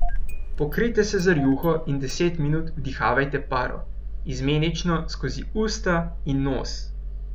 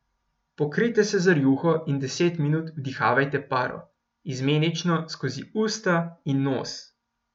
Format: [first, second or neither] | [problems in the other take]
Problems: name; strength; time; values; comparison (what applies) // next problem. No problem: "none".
second | background sound (Engine starting); 3 dB below the speech